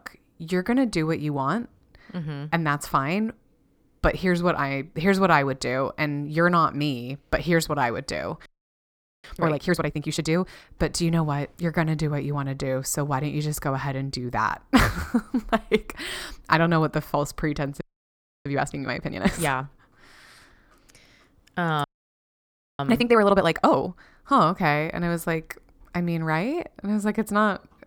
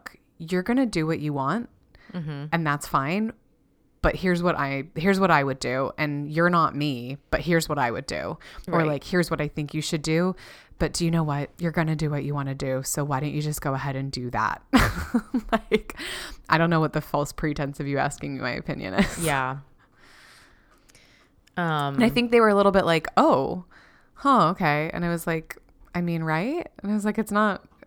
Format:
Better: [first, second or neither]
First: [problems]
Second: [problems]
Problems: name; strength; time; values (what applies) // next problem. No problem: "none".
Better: second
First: audio freezing; at 8.5 s for 1 s, at 18 s for 0.5 s and at 22 s for 1 s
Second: none